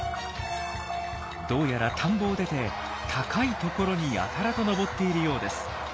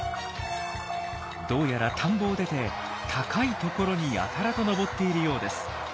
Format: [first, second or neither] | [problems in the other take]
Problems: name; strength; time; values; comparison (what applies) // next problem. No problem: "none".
second | background sound (Musical instrument); 19 dB below the speech